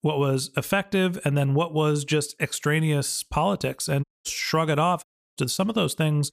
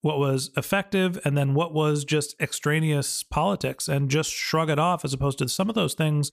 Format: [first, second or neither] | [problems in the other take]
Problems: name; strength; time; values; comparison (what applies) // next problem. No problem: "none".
second | audio cutting out; at 4 s and at 5 s